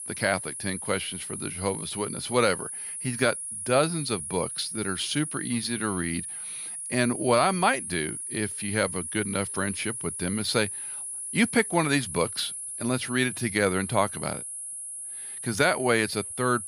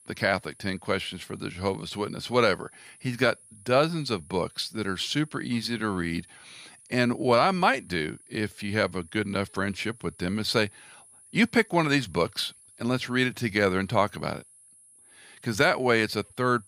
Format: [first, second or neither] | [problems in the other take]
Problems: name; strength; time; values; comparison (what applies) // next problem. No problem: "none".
second | high-pitched whine; loud; throughout; 10.5 kHz, 6 dB below the speech; faint in the second